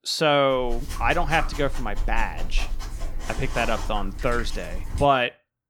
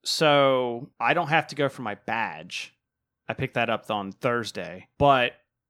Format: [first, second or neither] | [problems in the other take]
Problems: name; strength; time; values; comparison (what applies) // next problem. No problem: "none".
second | dog barking; noticeable; from 0.5 to 5 s; peak 7 dB below the speech